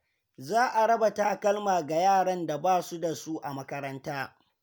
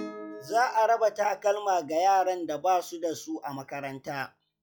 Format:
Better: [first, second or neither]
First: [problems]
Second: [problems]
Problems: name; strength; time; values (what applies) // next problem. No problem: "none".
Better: first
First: none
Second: noise reduction (classical method log-MMSE)